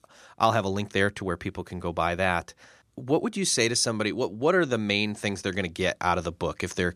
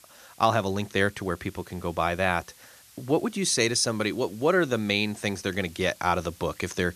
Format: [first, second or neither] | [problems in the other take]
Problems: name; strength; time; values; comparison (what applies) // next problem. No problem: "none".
first | hiss; faint; throughout; 25 dB below the speech